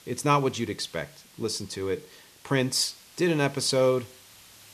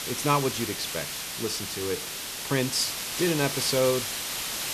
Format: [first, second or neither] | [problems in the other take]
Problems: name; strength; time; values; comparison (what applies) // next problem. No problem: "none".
first | hiss; loud; throughout; 2 dB below the speech; faint in the first